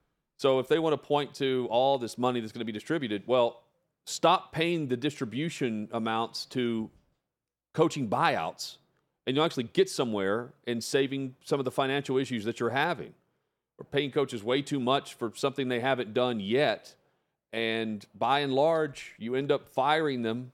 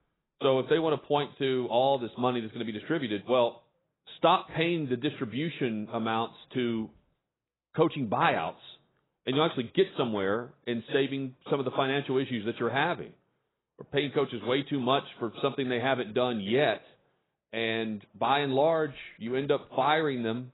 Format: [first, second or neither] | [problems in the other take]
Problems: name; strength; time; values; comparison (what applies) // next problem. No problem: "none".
first | garbled, watery; badly; nothing above 4 kHz